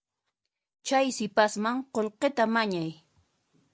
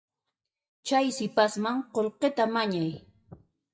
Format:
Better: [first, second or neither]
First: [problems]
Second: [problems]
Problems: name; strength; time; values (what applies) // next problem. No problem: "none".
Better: first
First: none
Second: noise reduction (classical method WPE with log-MMSE)